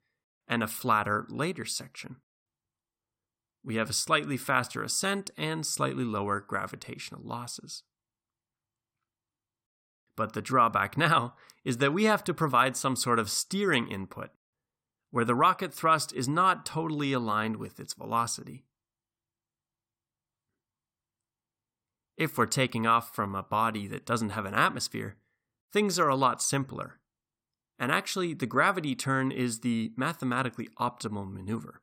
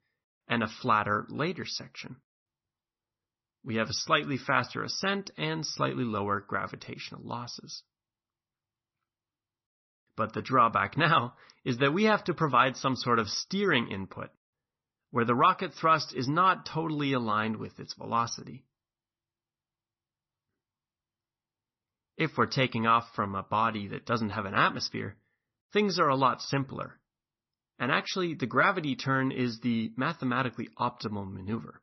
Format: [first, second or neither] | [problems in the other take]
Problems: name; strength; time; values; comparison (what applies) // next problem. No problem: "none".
first | garbled, watery; slightly; nothing above 6 kHz